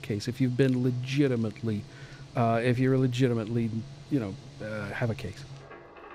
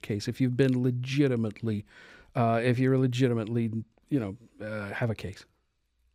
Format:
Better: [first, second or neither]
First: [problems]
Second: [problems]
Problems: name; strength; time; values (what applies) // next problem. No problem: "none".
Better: second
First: household noises; noticeable; throughout; 20 dB below the speech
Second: none